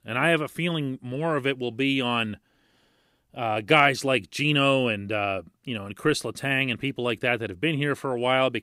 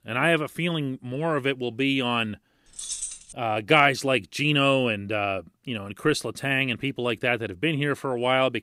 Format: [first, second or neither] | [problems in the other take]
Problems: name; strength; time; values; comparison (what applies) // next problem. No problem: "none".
first | jangling keys; noticeable; at 3 s; peak 6 dB below the speech